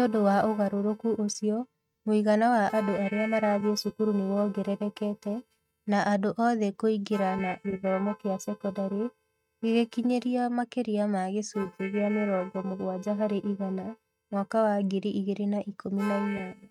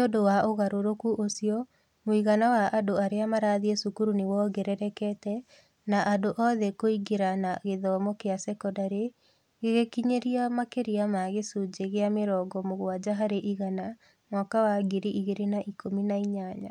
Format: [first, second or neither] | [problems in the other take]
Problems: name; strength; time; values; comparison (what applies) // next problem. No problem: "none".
second | noise reduction (neural mask model RNNoise)